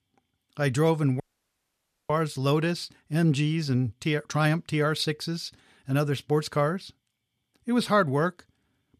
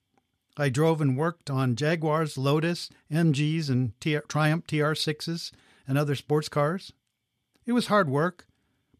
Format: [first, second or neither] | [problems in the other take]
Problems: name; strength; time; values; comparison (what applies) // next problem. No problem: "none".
second | audio cutting out; at 1 s for 1 s